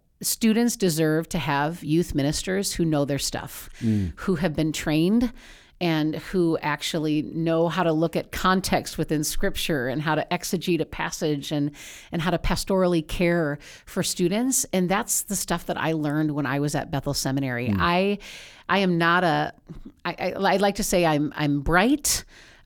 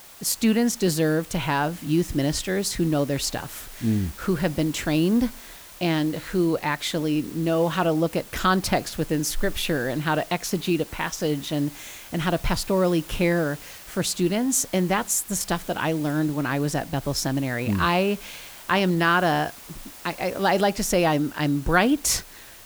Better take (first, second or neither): first